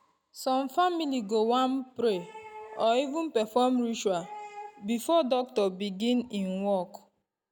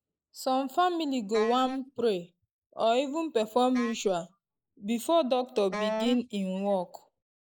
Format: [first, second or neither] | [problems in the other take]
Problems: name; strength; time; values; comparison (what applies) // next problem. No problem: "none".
first | noise reduction (neural mask model Resemble Enhance denoiser)